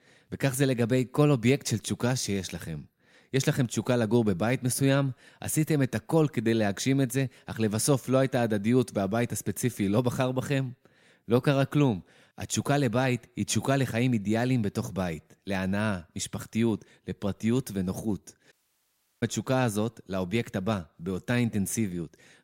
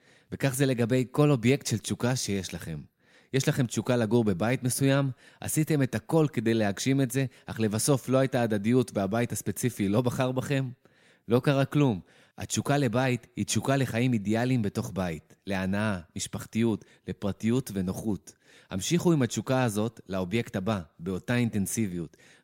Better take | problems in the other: second | audio cutting out; at 19 s for 0.5 s

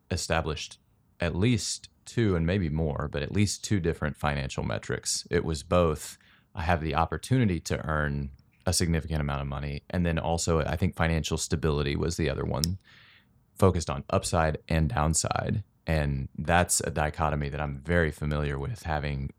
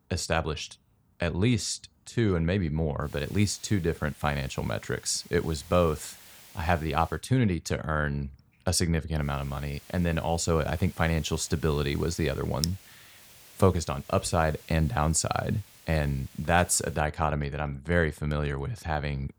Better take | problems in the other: first | hiss; faint; from 3 to 7 s and from 9 to 17 s; 20 dB below the speech

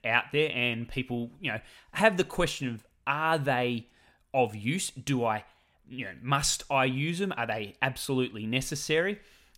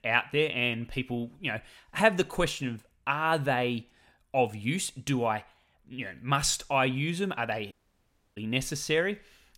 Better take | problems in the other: first | audio cutting out; at 7.5 s for 0.5 s

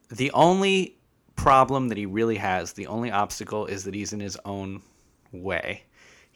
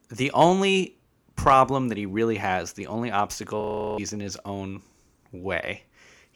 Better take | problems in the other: first | audio freezing; at 3.5 s

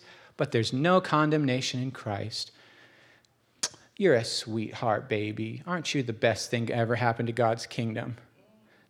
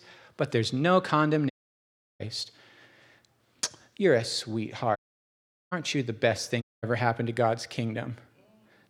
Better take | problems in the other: first | audio cutting out; at 1.5 s for 0.5 s, at 5 s for 1 s and at 6.5 s

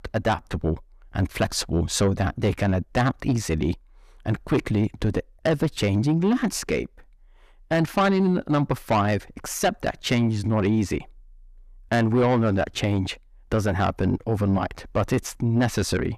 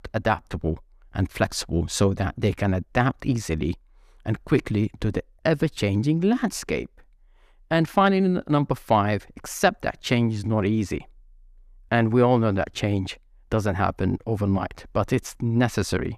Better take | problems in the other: second | distortion; slight; 10 dB below the speech

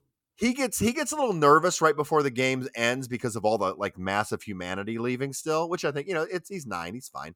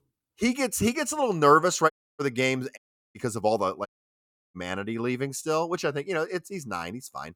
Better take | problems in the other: first | audio cutting out; at 2 s, at 3 s and at 4 s for 0.5 s

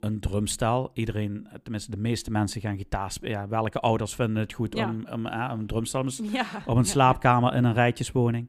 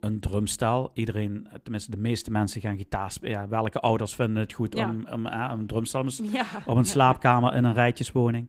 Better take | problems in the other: first | garbled, watery; slightly; nothing above 15.5 kHz

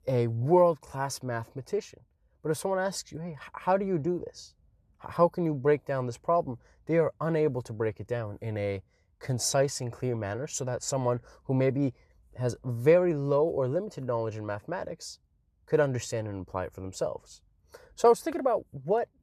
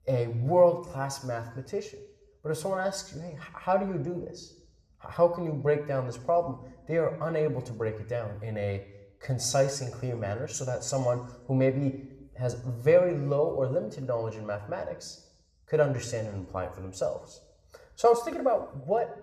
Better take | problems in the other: first | room echo; very slight; dies away in 0.8 s

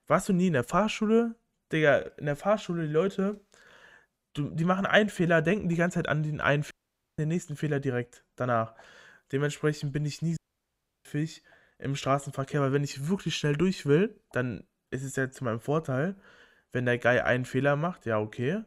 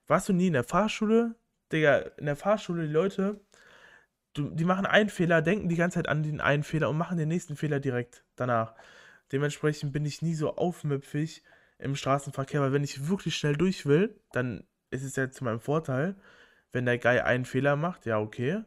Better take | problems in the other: second | audio cutting out; at 6.5 s and at 10 s for 0.5 s

